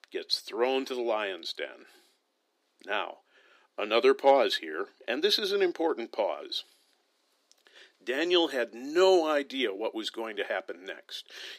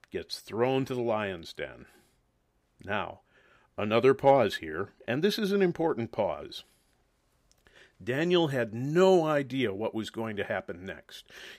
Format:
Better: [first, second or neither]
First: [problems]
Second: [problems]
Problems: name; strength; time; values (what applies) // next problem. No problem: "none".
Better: second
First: thin; somewhat; fading below 300 Hz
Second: none